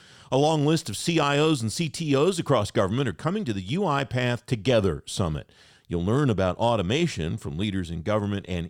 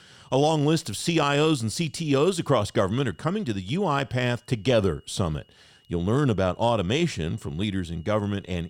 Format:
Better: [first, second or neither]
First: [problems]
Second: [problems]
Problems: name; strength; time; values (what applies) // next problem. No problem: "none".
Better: first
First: none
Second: high-pitched whine; faint; throughout; 3 kHz, 35 dB below the speech